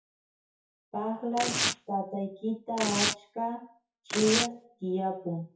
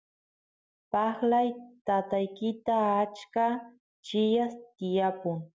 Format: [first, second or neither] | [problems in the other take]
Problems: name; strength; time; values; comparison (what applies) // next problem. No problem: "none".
second | noise reduction (classical method WPE with log-MMSE)